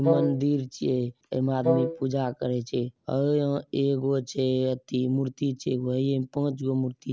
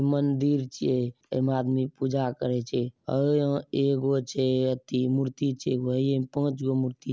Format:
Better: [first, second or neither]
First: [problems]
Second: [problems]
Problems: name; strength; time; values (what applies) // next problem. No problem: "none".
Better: second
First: background sound (Wind instrument, woodwind instrument); 2 dB below the speech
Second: none